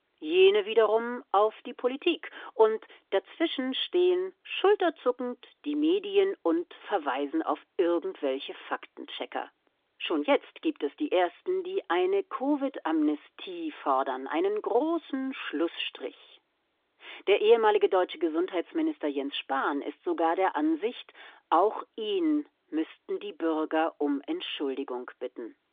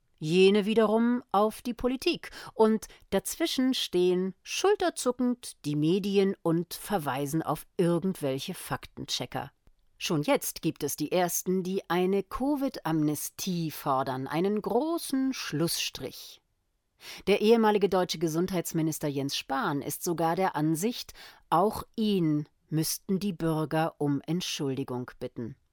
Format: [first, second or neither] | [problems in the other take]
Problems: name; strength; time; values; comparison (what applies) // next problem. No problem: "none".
second | phone-call audio; nothing above 3.5 kHz